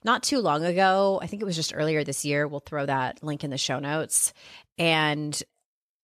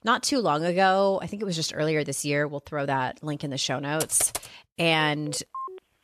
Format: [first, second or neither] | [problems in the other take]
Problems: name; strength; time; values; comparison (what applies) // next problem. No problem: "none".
first | keyboard typing; noticeable; at 4 s; peak 6 dB below the speech // phone ringing; faint; at 5 s; peak 10 dB below the speech